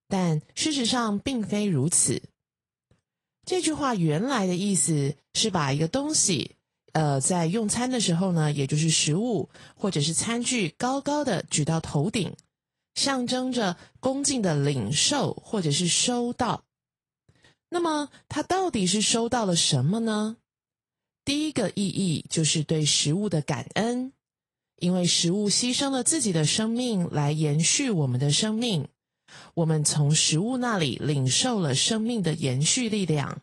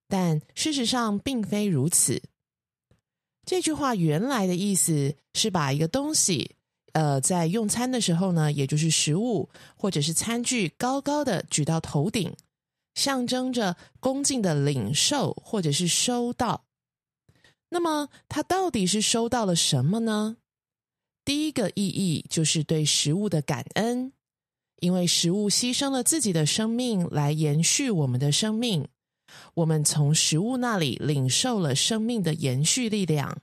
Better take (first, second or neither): second